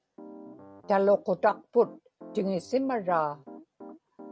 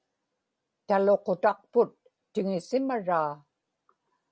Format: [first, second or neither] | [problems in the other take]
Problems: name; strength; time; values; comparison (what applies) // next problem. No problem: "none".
second | background sound (Piano); 19 dB below the speech